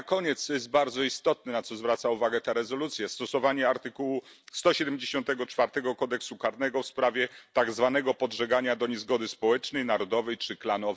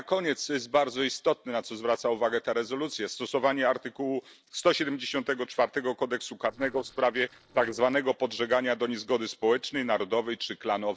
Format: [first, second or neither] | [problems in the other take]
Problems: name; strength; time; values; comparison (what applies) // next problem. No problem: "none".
first | noise reduction (neural separator model SepFormer DNS4)